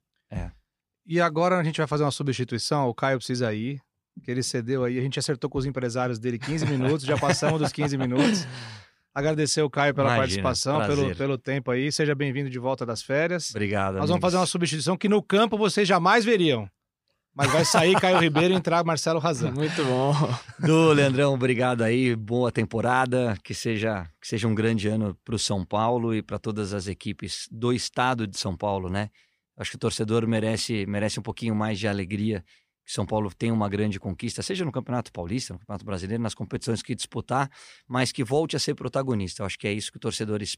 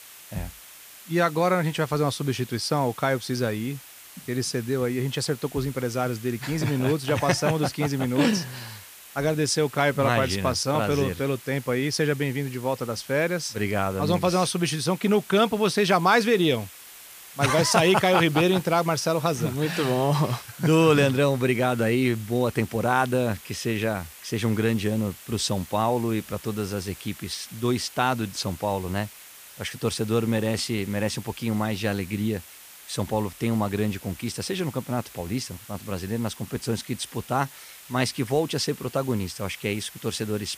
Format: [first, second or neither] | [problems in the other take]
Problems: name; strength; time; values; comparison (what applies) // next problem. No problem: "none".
first | hiss; noticeable; throughout; 20 dB below the speech